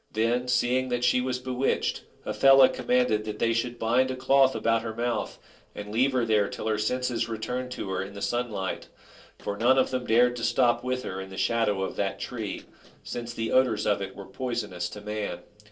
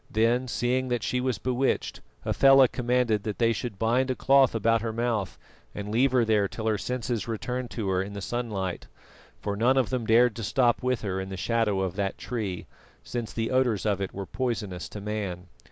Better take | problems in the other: second | noise reduction (neural separator model SepFormer DNS4)

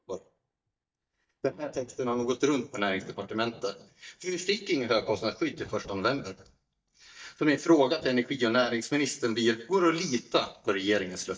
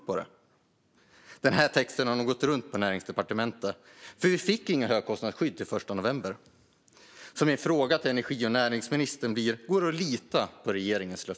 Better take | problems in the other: second | noise reduction (neural mask model DeepFilterNet 3)

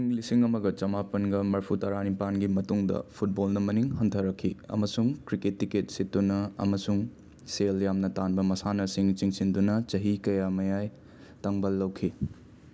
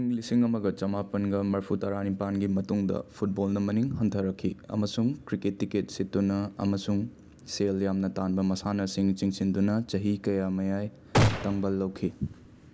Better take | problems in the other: first | background sound (Gunshot, gunfire); as loud as the speech

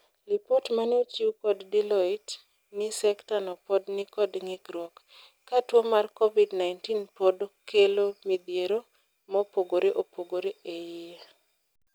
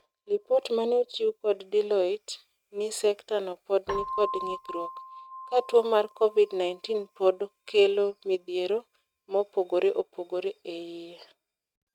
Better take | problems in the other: first | noise reduction (neural mask model RNNoise)

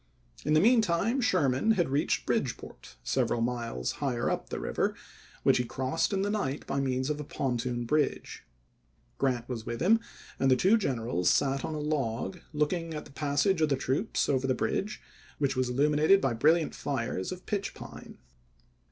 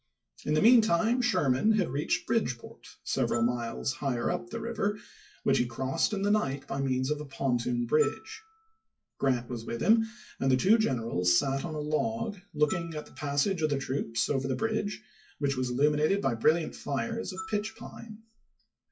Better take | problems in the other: first | noise reduction (classical method WPE with log-MMSE)

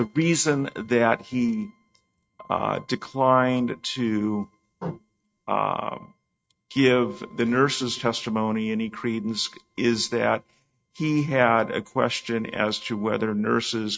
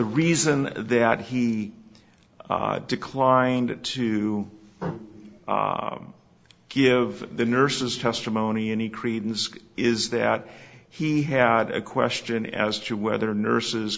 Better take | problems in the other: second | noise reduction (neural mask model RNNoise)

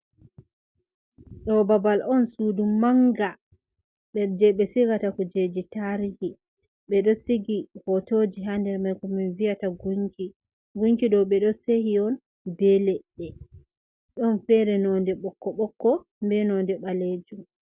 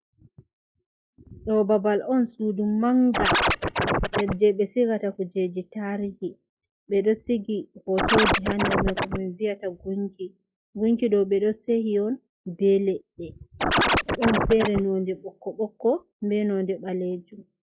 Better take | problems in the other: first | noise reduction (classical method log-MMSE)

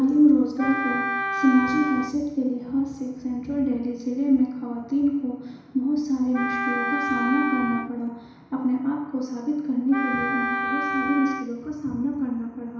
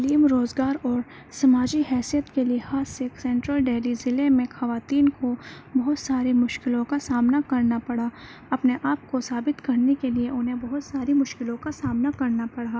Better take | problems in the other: second | background sound (Wind instrument, woodwind instrument); 4 dB below the speech // room echo; dies away in 1 s

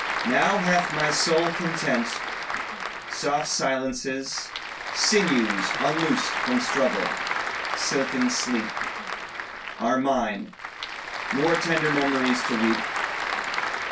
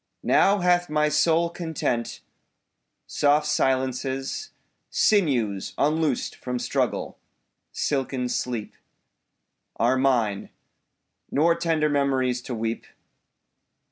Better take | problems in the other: second | background sound (Applause / Crowd); 3 dB below the speech // room echo; dies away in 0.1 s

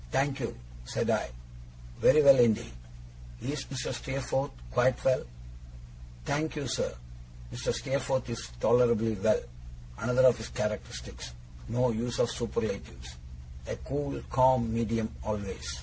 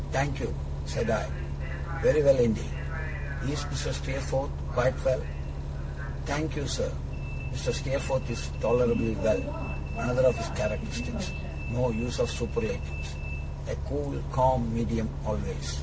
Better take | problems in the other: first | background sound (Bus); 3 dB below the speech

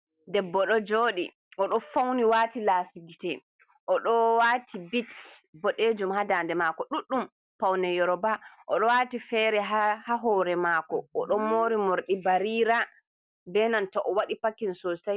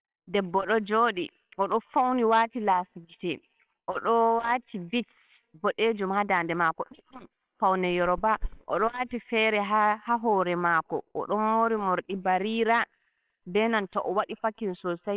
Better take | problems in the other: first | noise reduction (neural separator model SepFormer WHAMR!)

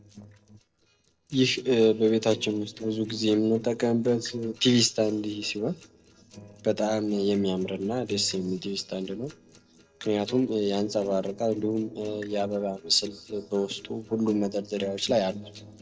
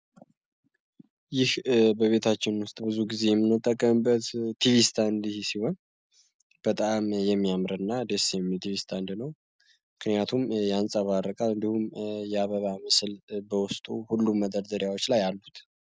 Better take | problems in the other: second | noise reduction (neural separator model SepFormer DNS4)

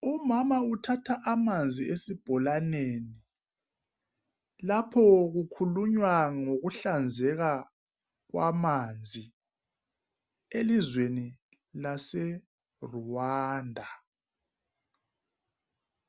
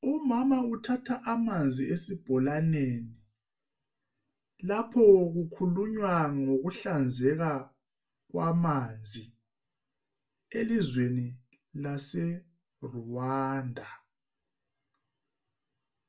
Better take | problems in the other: first | room echo; dies away in 0.2 s

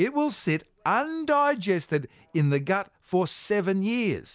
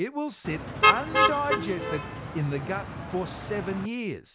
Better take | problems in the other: first | background sound (Motor vehicle (road)); 4 dB above the speech

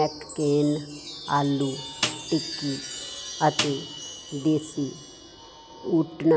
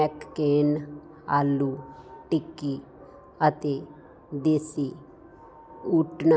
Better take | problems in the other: second | background sound (Snare drum + Chime); 9 dB below the speech

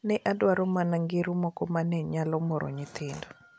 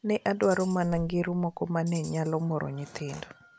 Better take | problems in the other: first | background sound (Tambourine + Slam); 19 dB below the speech

